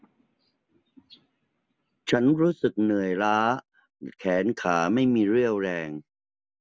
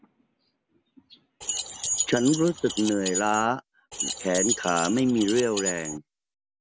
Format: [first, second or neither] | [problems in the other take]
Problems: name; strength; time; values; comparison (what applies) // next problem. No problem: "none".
first | background sound (Keys jangling); 5 dB below the speech